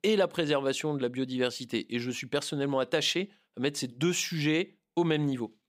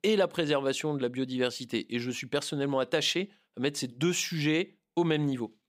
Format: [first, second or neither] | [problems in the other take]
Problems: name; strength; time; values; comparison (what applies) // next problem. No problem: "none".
neither | none